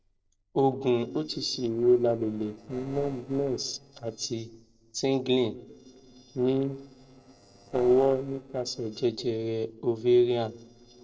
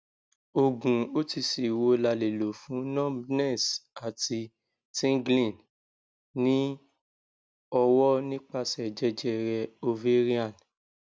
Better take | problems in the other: second | noise reduction (neural separator model SepFormer DNS4)

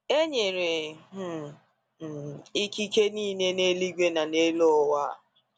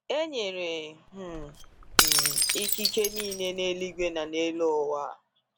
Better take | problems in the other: first | background sound (Shatter / Crushing); 3 dB above the speech

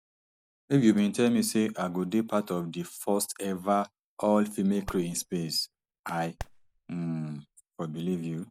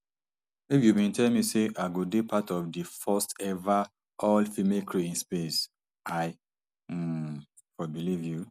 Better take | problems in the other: second | noise reduction (neural mask model DeepFilterNet 3)

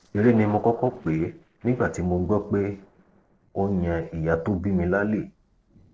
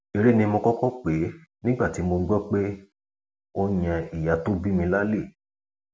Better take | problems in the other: second | noise reduction (neural separator model SepFormer DNS4)

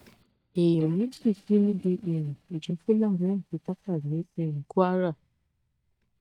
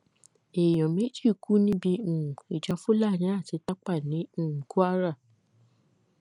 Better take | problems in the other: second | noise reduction (neural mask model DeepFilterNet 3)

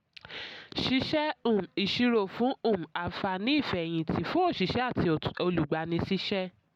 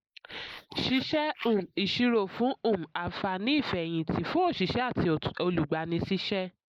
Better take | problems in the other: first | noise reduction (neural mask model Resemble Enhance denoiser)

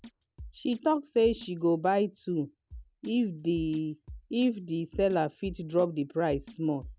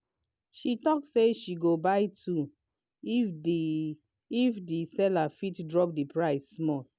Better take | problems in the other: second | background sound (Drum kit); 19 dB below the speech

